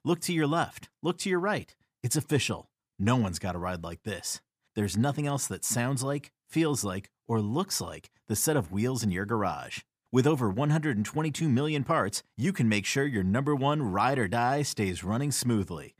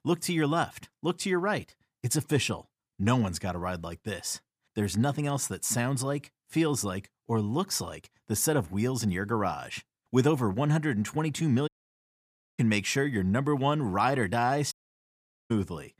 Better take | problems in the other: first | audio cutting out; at 12 s for 1 s and at 15 s for 1 s

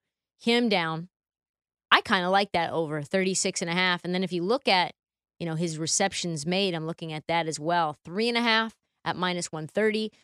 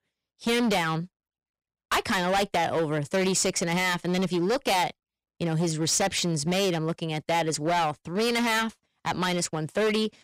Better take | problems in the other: first | distortion; heavy; 17% of the sound clipped

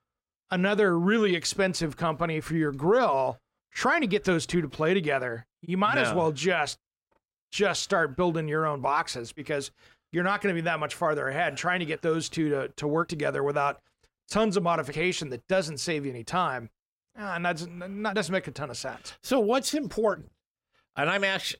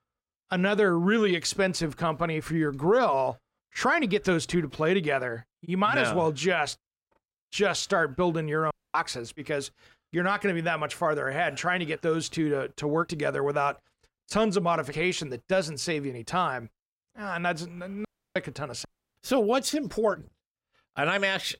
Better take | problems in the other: first | audio cutting out; at 8.5 s, at 18 s and at 19 s

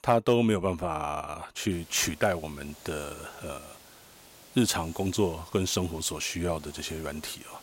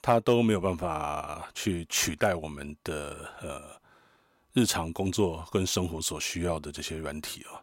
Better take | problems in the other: second | hiss; faint; from 1.5 s on; 20 dB below the speech

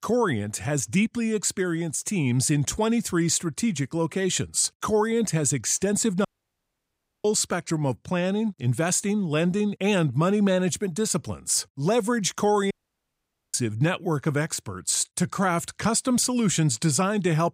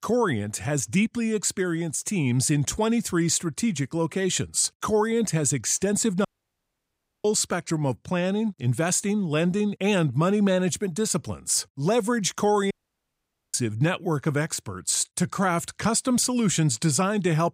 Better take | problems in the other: neither | audio cutting out; at 6.5 s for 1 s and at 13 s for 1 s; the same in both

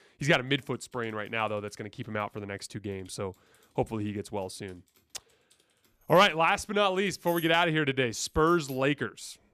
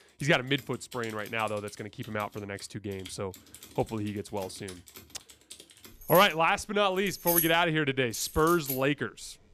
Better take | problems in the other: first | household noises; loud; throughout; 7 dB below the speech; faint in the first

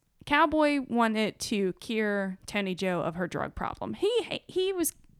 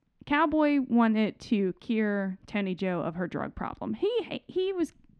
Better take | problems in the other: first | muffled; slightly; fading above 3 kHz

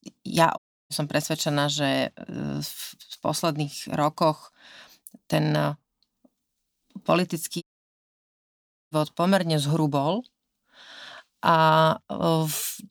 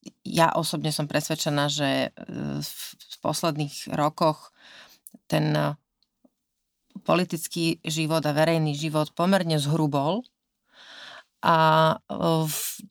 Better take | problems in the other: second | audio cutting out; at 0.5 s and at 7.5 s for 1.5 s

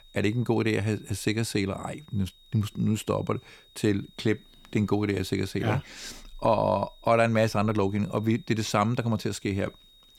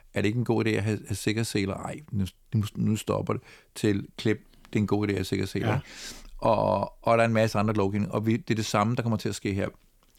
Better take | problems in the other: second | high-pitched whine; faint; throughout; 4 kHz, 30 dB below the speech

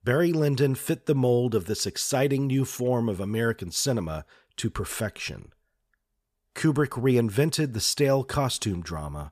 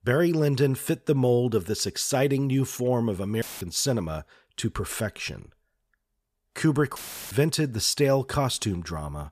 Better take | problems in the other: first | audio cutting out; filled with static; at 3.5 s and at 7 s

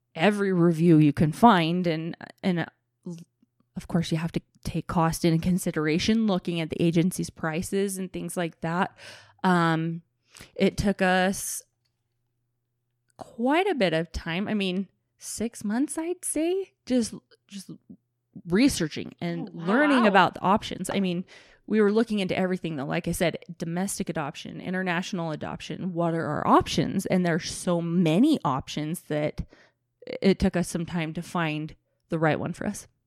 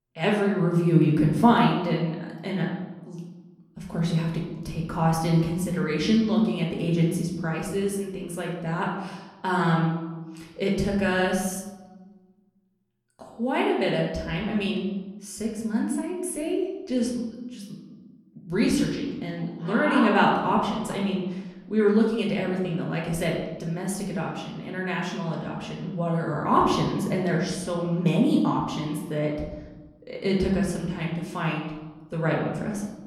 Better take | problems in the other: first | room echo; noticeable; dies away in 0.9 s // off-mic speech; far

